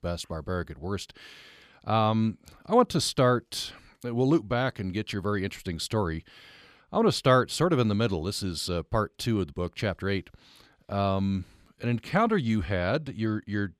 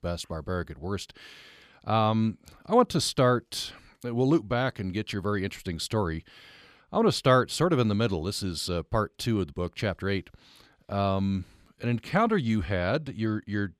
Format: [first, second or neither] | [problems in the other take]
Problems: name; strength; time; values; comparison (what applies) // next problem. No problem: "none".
neither | none